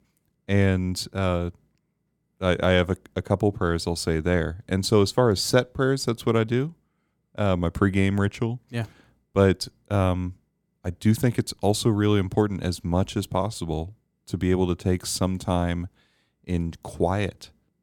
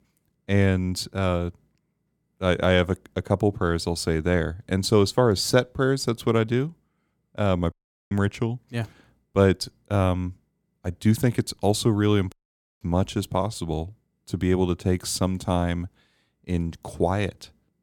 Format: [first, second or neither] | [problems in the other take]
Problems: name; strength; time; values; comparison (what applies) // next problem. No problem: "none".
first | audio cutting out; at 7.5 s and at 12 s